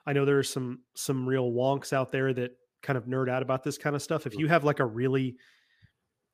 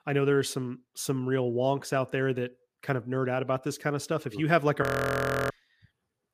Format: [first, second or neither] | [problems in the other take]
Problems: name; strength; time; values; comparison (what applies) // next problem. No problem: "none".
first | audio freezing; at 5 s for 0.5 s